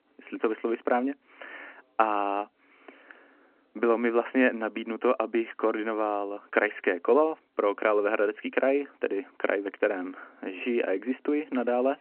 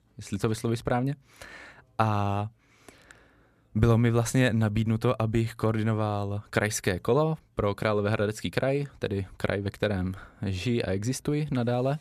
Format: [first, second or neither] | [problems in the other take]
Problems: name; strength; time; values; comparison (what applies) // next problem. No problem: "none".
second | phone-call audio